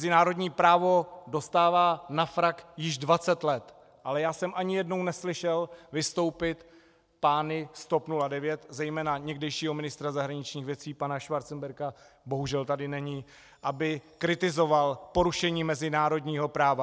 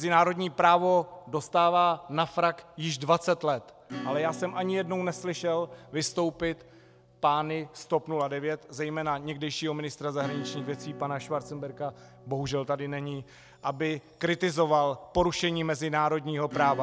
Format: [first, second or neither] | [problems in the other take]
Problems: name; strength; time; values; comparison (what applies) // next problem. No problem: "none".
first | background sound (Acoustic guitar / Strum); 18 dB below the speech